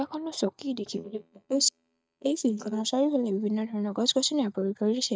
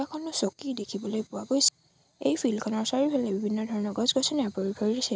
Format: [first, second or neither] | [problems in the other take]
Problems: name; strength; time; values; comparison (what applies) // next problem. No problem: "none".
second | noise reduction (neural mask model DeepFilterNet 3)